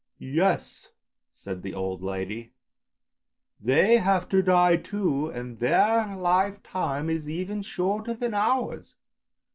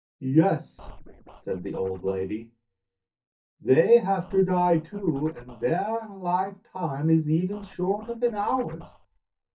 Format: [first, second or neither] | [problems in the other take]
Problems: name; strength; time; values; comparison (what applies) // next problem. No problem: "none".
first | noise reduction (neural mask model DeepFilterNet 3)